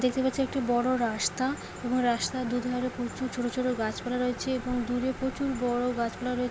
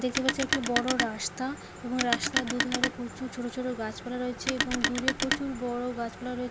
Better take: first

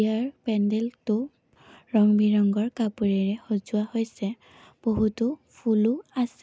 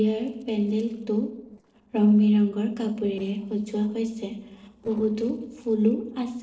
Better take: first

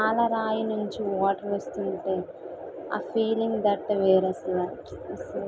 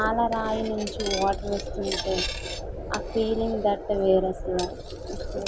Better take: first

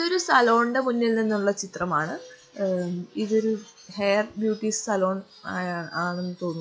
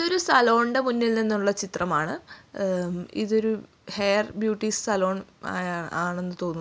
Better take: second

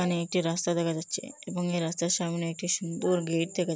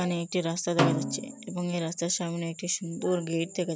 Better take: first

